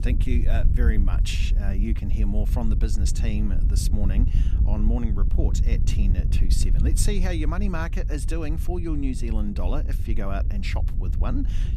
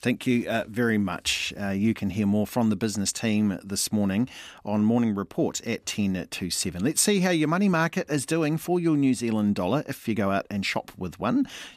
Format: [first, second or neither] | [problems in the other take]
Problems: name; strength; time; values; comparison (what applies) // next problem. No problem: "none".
second | wind noise on the microphone; heavy; 8 dB below the speech